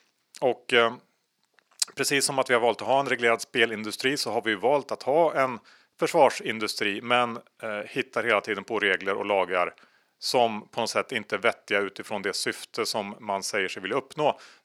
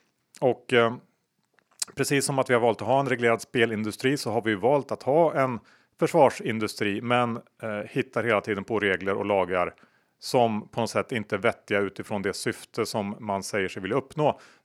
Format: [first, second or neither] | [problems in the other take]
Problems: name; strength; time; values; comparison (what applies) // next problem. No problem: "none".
second | thin; very slightly; fading below 500 Hz